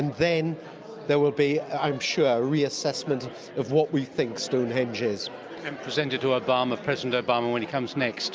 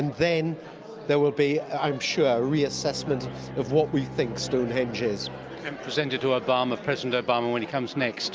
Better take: first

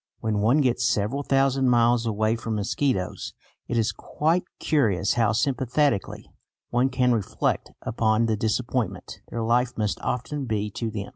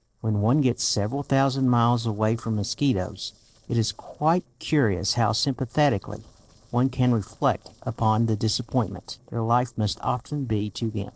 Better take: first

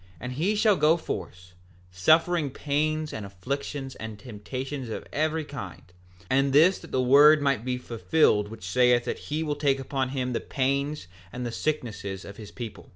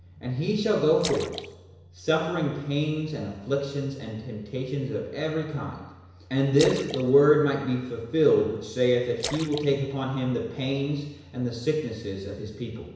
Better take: first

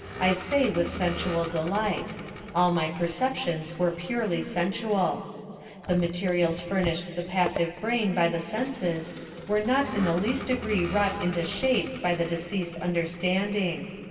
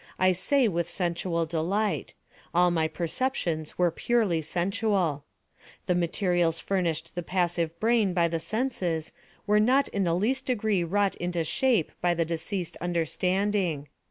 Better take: second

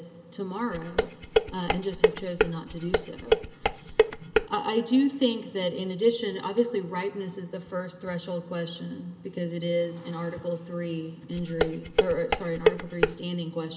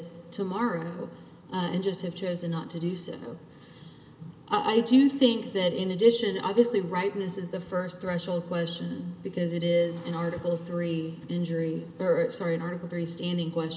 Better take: second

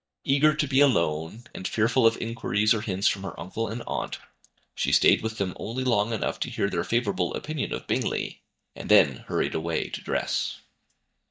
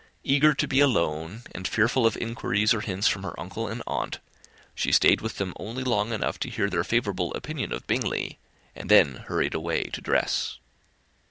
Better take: second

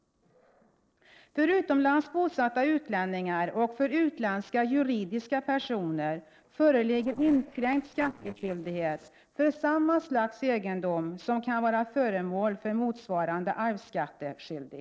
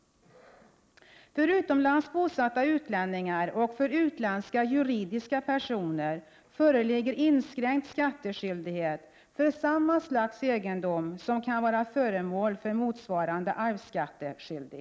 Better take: second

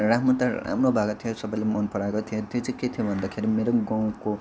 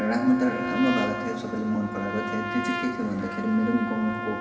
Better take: first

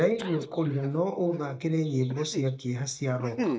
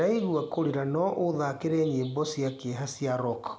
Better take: second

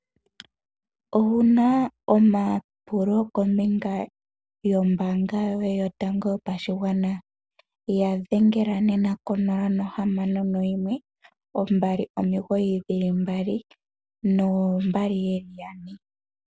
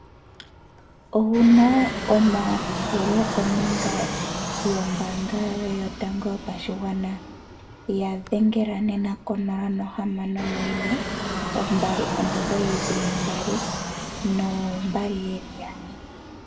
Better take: first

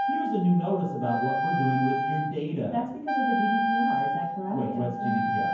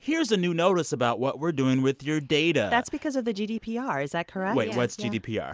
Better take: second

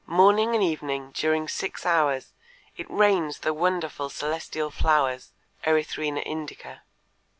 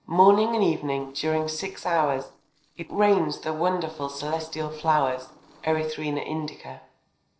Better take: first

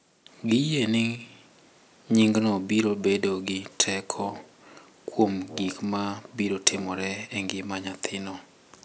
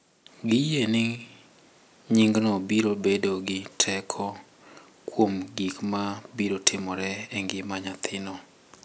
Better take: second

